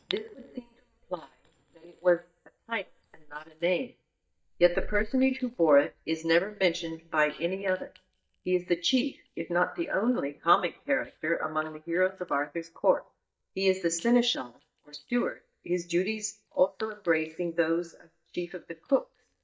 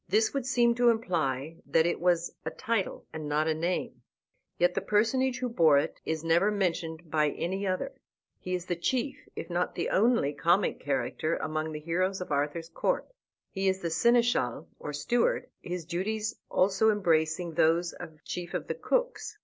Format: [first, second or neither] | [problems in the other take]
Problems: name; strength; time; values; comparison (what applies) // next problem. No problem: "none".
second | noise reduction (neural mask model DeepFilterNet 3)